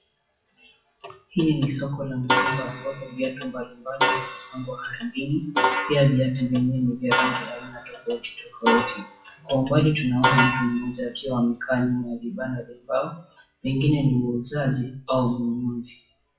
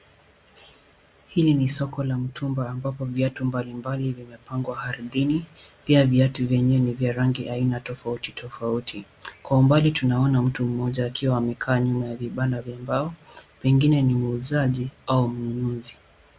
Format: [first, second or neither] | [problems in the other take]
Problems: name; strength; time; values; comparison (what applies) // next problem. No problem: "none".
second | noise reduction (classical method WPE with log-MMSE)